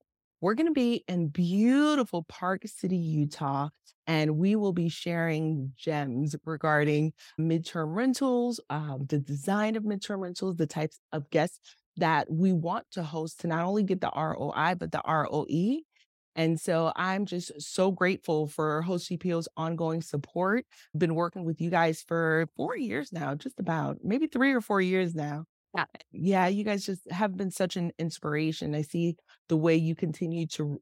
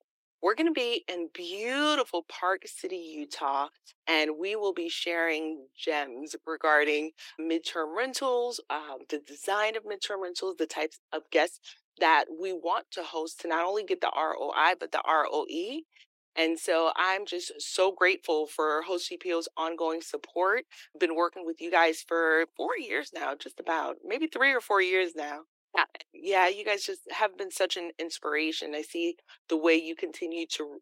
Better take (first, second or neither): first